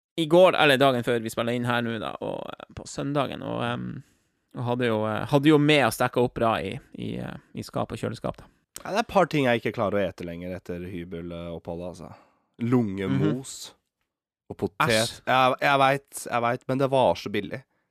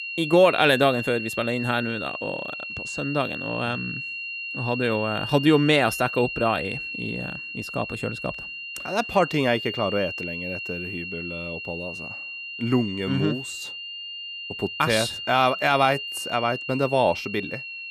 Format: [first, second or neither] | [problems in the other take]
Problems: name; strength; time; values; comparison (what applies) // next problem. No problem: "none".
first | high-pitched whine; loud; throughout; 3 kHz, 7 dB below the speech